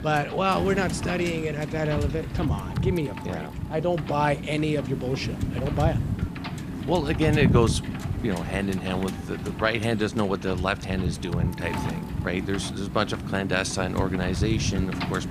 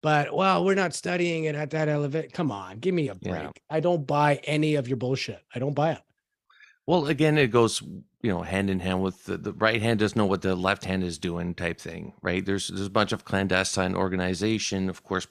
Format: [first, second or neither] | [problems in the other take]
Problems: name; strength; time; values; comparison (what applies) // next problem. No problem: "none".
second | wind noise on the microphone; heavy; 9 dB below the speech